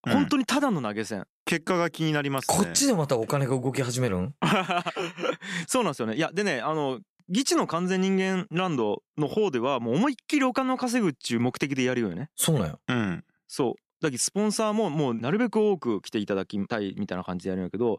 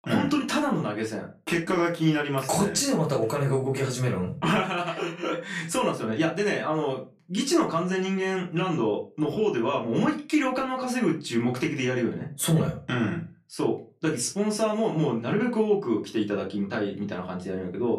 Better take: first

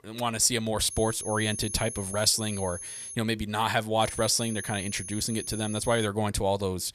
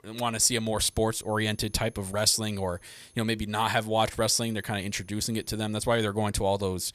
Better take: second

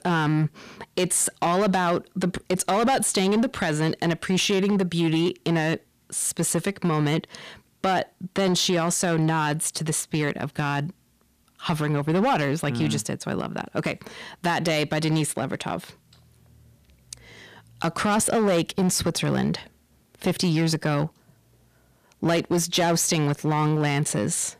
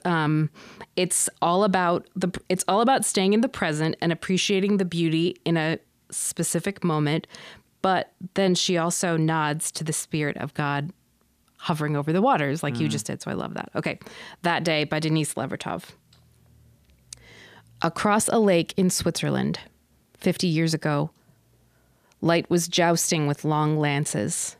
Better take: second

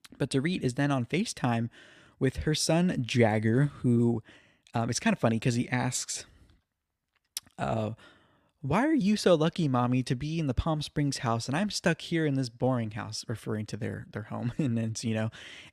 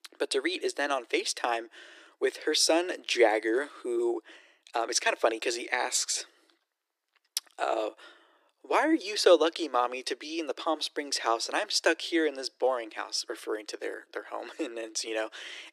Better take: first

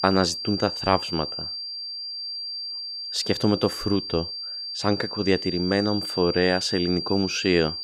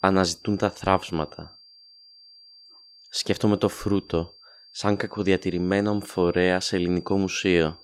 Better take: second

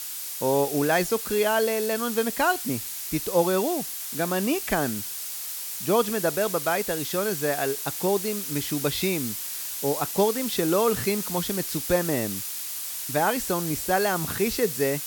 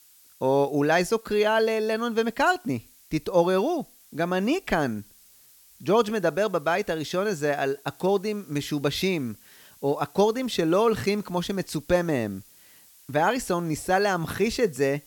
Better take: second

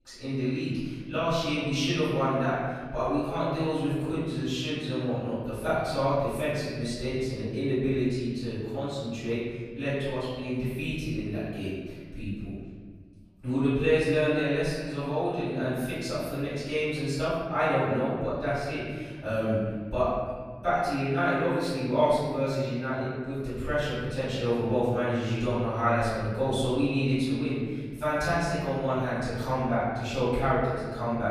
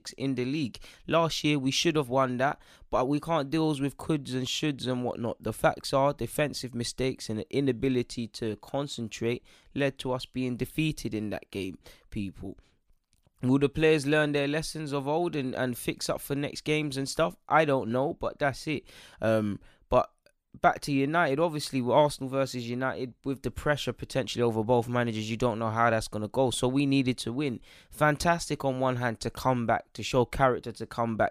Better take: second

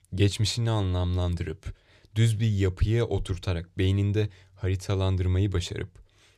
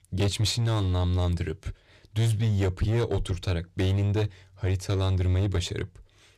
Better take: first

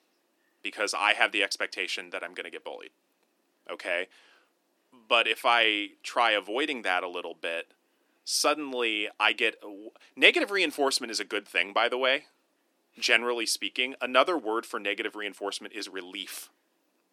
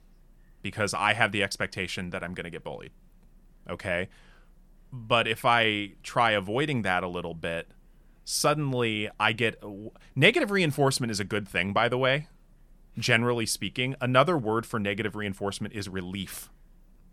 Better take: second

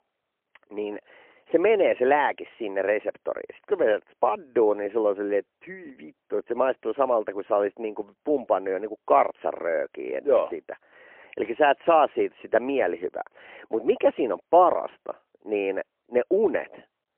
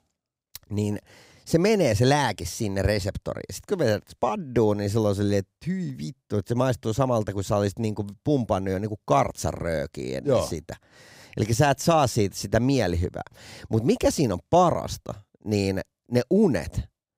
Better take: second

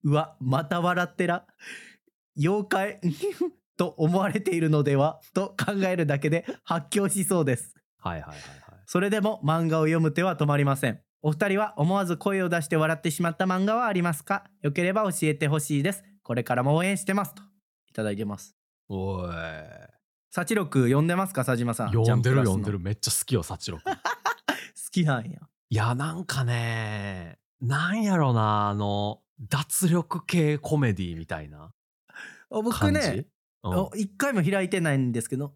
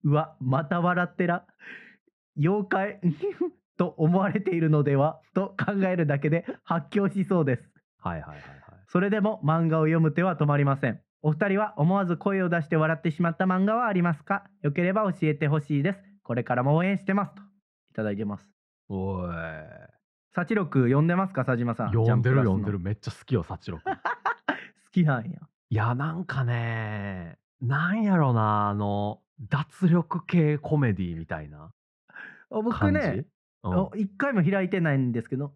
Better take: first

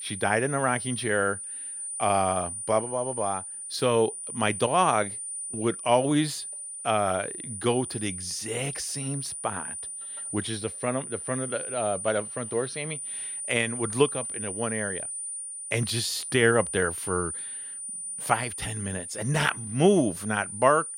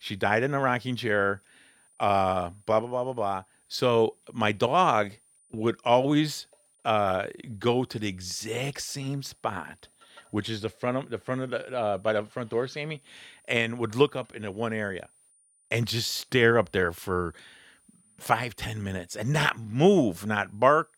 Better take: second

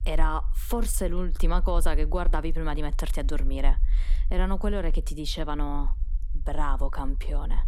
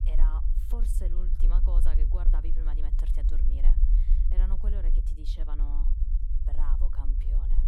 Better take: first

